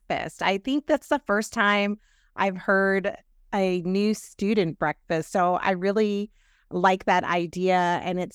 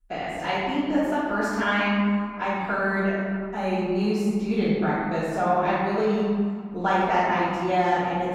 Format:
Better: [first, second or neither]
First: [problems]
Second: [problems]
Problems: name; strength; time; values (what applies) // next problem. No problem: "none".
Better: first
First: none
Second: room echo; strong; dies away in 2.2 s // off-mic speech; far